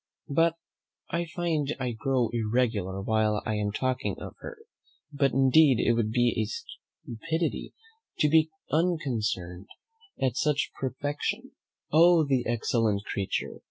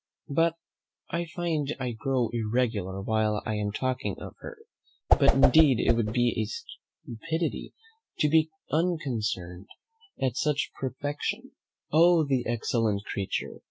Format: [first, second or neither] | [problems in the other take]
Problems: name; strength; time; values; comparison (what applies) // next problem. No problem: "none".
first | background sound (Whoosh, swoosh, swish); 4 dB above the speech